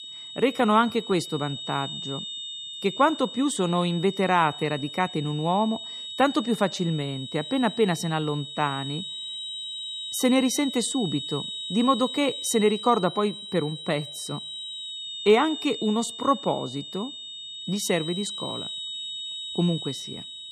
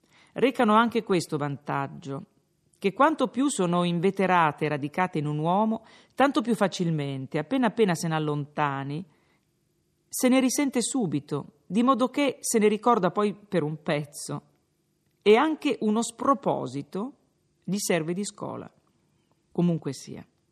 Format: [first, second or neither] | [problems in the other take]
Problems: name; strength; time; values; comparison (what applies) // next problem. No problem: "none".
second | high-pitched whine; loud; throughout; 3.5 kHz, 8 dB below the speech